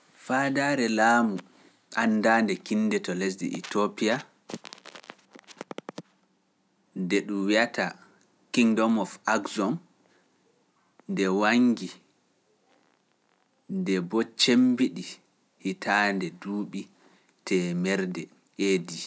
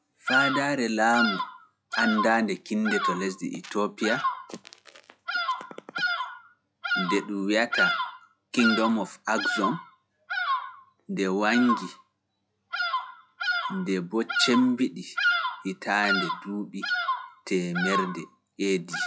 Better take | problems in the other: first | noise reduction (classical method log-MMSE)

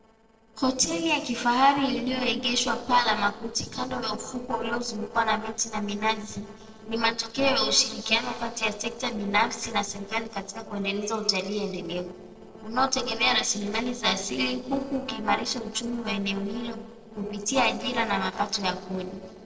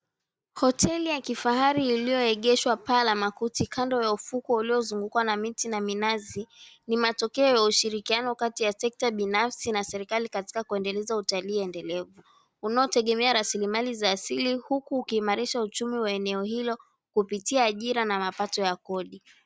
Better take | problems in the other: second | noise reduction (neural separator model SepFormer DNS4)

